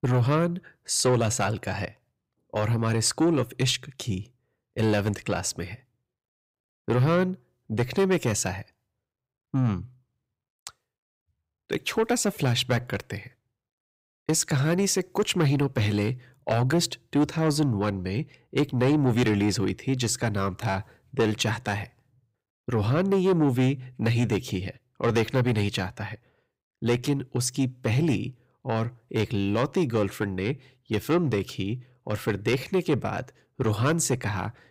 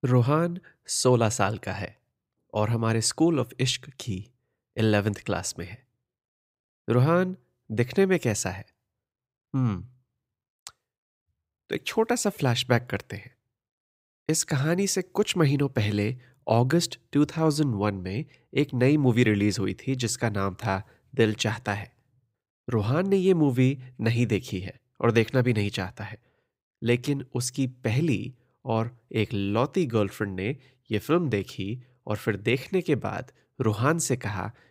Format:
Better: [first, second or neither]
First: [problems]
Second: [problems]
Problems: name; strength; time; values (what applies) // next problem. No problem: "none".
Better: second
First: distortion; slight; 10 dB below the speech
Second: none